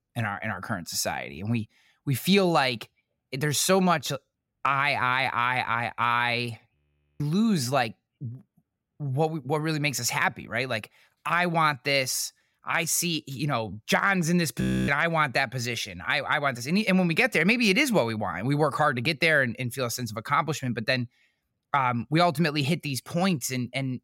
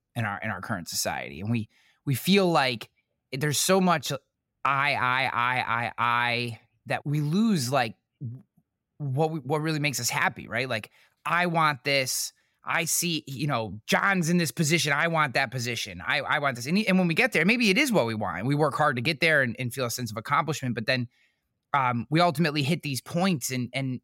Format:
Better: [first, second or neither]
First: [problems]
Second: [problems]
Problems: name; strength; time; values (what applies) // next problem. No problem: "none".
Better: second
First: audio freezing; at 7 s and at 15 s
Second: none